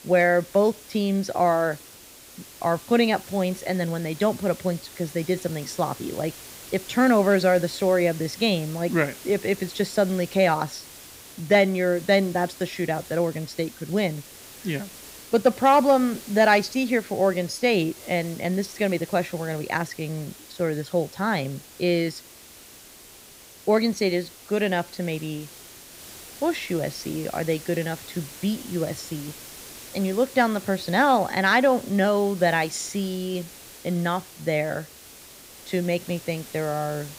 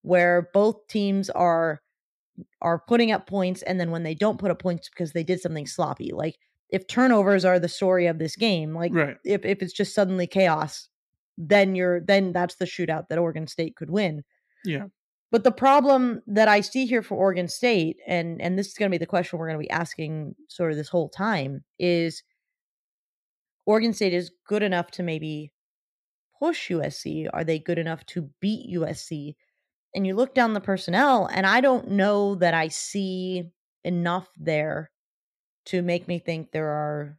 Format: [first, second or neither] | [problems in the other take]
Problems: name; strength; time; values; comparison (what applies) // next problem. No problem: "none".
second | hiss; noticeable; throughout; 15 dB below the speech